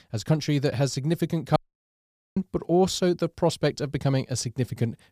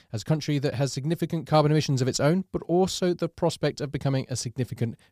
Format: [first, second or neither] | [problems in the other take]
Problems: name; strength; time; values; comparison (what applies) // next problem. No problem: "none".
second | audio cutting out; at 1.5 s for 1 s